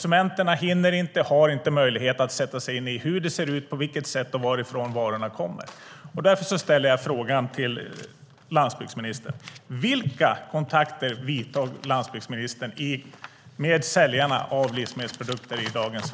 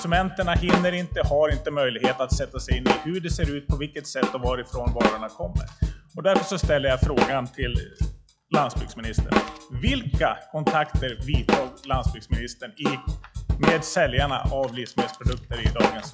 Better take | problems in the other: first | noise reduction (classical method log-MMSE)

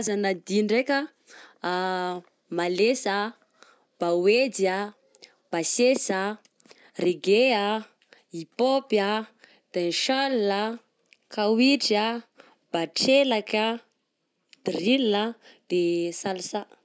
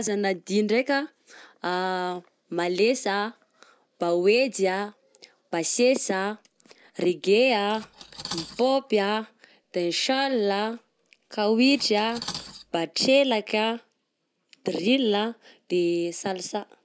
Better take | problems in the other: first | background sound (Cutlery, silverware); 18 dB below the speech

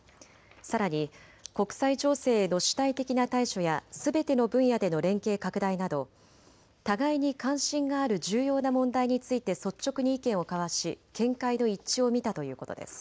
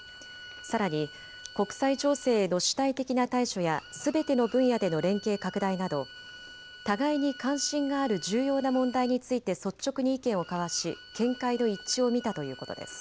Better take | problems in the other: first | background sound (Bowed string instrument); 19 dB below the speech

